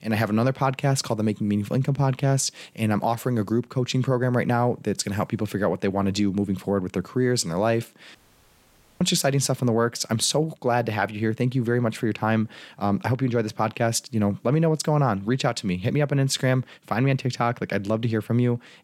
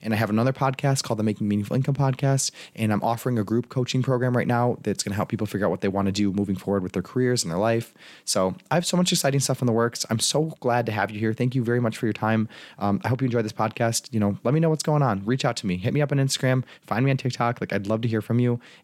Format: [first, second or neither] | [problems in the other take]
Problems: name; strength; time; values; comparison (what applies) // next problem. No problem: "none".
second | audio cutting out; at 8 s for 1 s